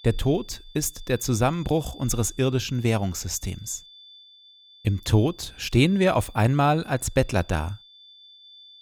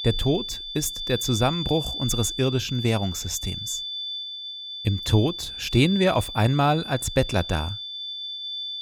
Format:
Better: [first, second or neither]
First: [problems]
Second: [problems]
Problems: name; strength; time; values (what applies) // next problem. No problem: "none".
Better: first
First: high-pitched whine; faint; throughout; 3.5 kHz, 25 dB below the speech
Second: high-pitched whine; loud; throughout; 3.5 kHz, 6 dB below the speech